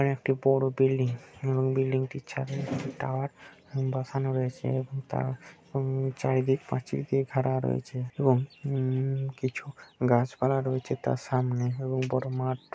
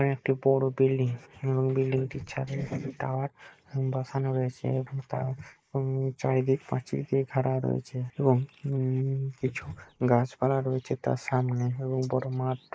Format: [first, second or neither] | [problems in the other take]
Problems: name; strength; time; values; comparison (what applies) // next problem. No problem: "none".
first | noise reduction (neural mask model Resemble Enhance denoiser)